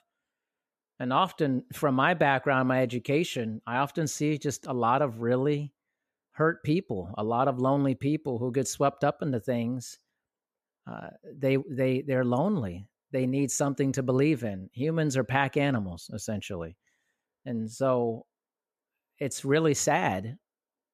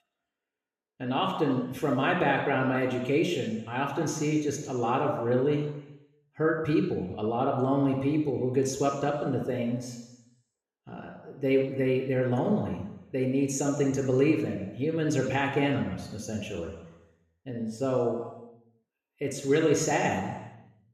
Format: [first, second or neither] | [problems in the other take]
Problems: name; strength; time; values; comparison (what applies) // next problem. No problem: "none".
first | room echo; noticeable; dies away in 1 s // off-mic speech; somewhat distant